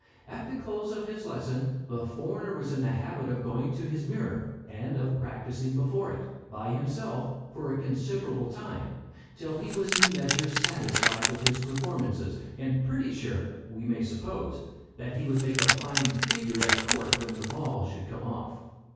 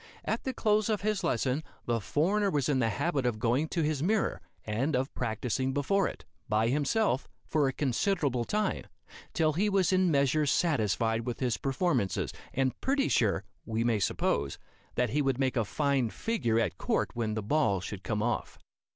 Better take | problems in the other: second | background sound (Keys jangling); 2 dB above the speech // room echo; dies away in 1.3 s

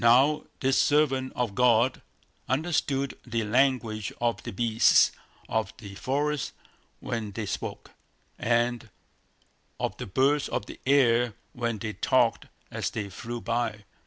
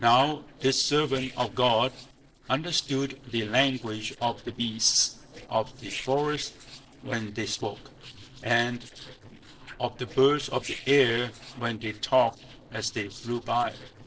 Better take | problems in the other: first | noise reduction (neural separator model SepFormer DNS4)

